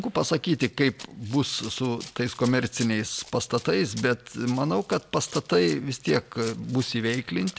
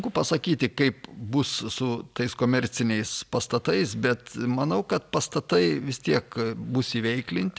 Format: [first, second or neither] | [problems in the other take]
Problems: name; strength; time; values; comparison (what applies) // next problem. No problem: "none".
second | background sound (Run); 19 dB below the speech